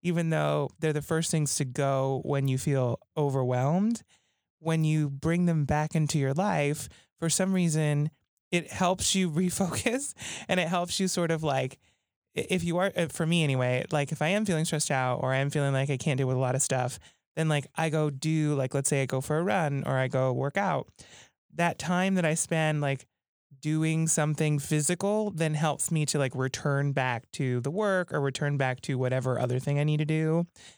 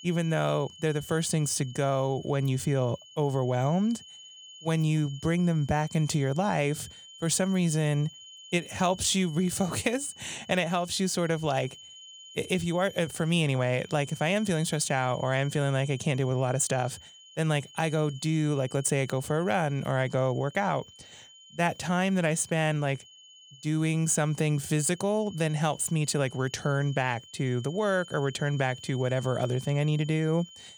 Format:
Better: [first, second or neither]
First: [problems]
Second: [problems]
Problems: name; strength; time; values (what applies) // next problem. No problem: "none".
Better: first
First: none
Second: high-pitched whine; noticeable; throughout; 3 kHz, 20 dB below the speech